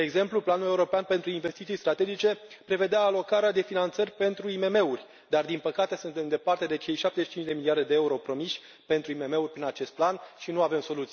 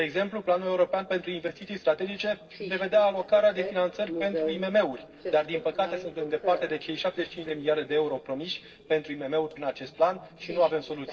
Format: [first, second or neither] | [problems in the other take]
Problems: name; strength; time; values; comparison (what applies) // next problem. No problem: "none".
first | noise reduction (neural separator model SepFormer DNS4)